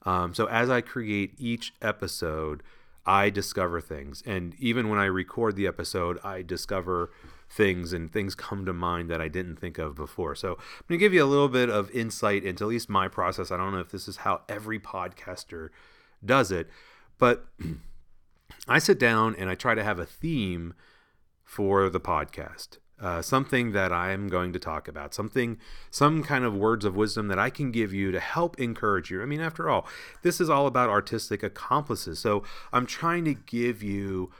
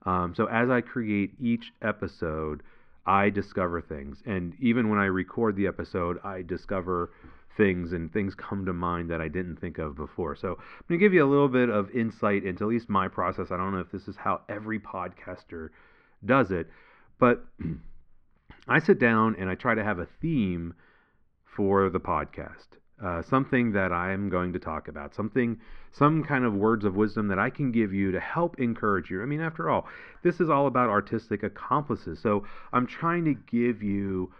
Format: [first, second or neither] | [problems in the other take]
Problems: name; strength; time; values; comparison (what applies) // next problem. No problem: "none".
first | muffled; very; fading above 2.5 kHz